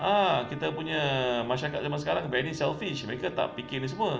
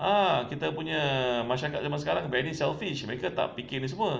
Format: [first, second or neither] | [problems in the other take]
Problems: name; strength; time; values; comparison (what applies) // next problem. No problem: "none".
second | background sound (Trumpet); 19 dB below the speech